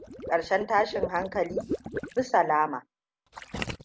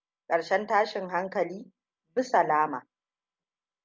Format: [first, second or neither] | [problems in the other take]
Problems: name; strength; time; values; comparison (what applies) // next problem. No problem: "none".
second | background sound (Water / Liquid); 8 dB below the speech